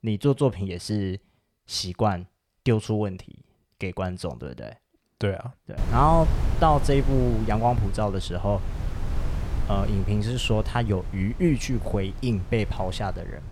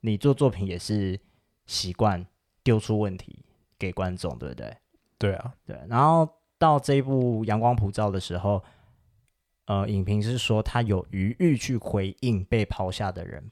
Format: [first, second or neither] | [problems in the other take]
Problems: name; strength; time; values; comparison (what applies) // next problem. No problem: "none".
second | wind noise on the microphone; occasional gusts; from 6 s on; 15 dB below the speech